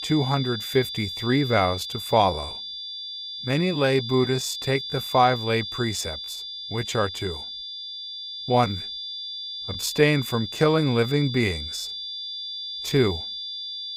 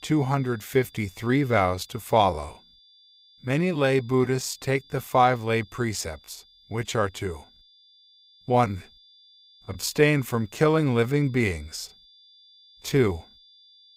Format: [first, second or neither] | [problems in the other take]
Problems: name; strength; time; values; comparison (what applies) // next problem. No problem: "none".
second | high-pitched whine; loud; throughout; 3.5 kHz, 7 dB below the speech; faint in the second